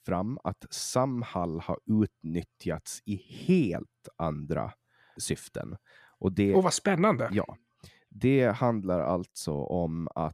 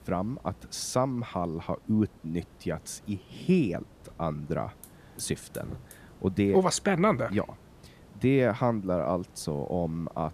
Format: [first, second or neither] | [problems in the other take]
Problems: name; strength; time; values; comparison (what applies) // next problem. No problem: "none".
first | hiss; faint; throughout; 25 dB below the speech